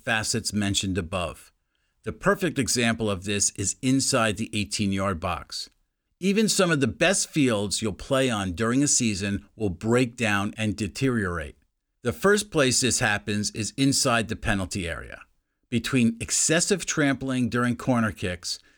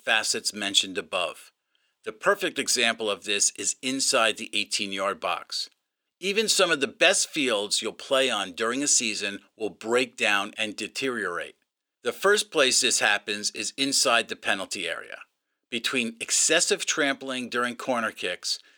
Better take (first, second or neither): first